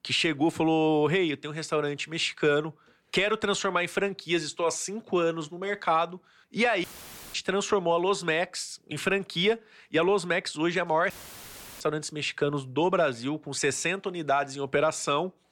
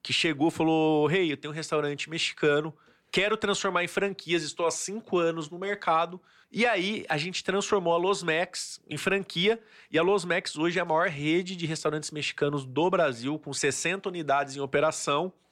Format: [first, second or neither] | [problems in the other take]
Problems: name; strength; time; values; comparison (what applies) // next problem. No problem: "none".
second | audio cutting out; filled with static; at 7 s for 0.5 s and at 11 s for 0.5 s